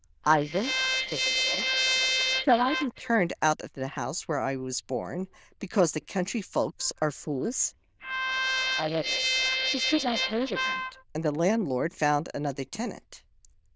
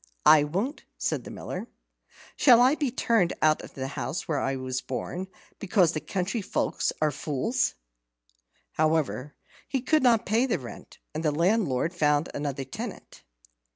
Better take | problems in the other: second | noise reduction (neural diffusion model UNIVERSE++)

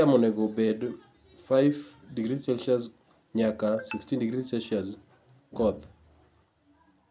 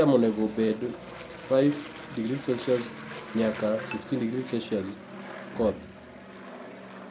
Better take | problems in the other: first | background sound (Aircraft); 13 dB below the speech

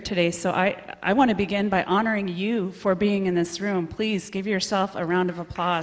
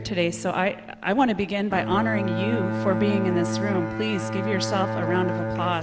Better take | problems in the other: first | background sound (Bowed string instrument); 3 dB below the speech

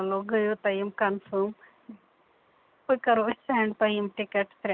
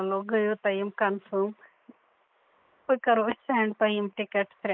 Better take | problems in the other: first | noise reduction (neural mask model Resemble Enhance denoiser)

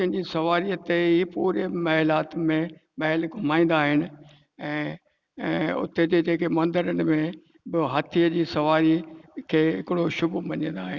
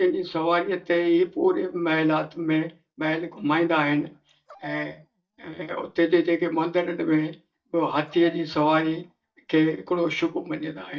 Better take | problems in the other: first | noise reduction (neural mask model DeepFilterNet 3)

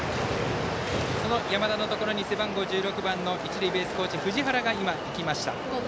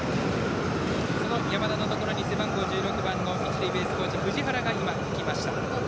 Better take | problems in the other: first | background sound (Fire); 2 dB above the speech

